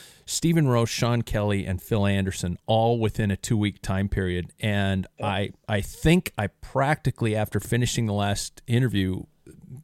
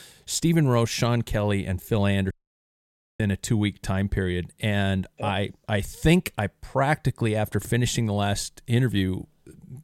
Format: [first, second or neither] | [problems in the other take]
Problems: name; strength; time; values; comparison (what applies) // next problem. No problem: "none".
first | audio cutting out; at 2.5 s for 1 s